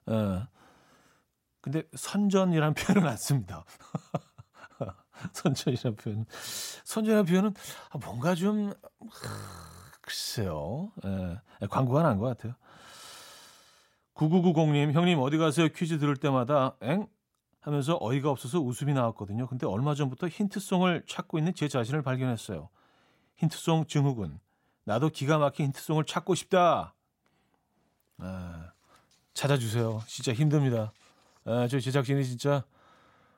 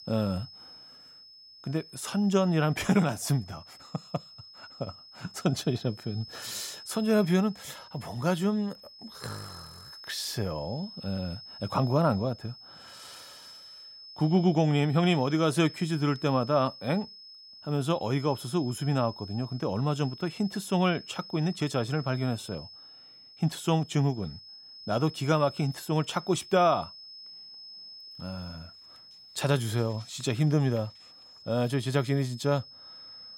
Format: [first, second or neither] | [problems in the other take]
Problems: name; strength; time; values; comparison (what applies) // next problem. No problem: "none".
first | high-pitched whine; noticeable; throughout; 5 kHz, 15 dB below the speech